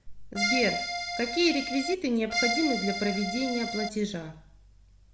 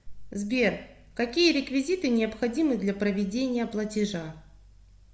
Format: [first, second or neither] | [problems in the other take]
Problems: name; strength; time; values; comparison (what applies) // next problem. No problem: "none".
second | background sound (Accordion); 1 dB below the speech